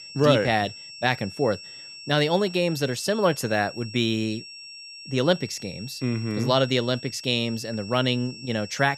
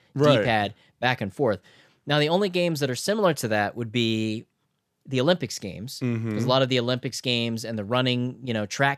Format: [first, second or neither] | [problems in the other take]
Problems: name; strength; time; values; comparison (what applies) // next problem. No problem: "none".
second | high-pitched whine; noticeable; throughout; 5.5 kHz, 15 dB below the speech